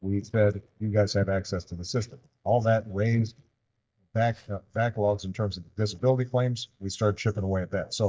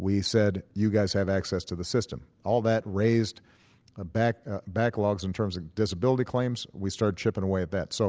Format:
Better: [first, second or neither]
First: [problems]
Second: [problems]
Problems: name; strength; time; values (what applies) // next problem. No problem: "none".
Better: second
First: noise reduction (neural mask model DeepFilterNet 3)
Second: none